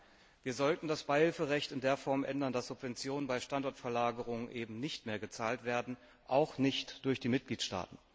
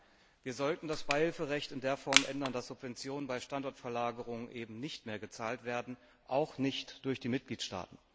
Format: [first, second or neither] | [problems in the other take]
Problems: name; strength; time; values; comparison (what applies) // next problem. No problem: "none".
first | background sound (Crushing); 2 dB above the speech